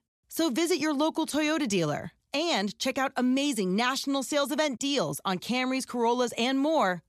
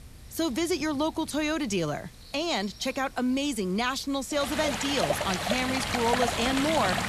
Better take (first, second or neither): first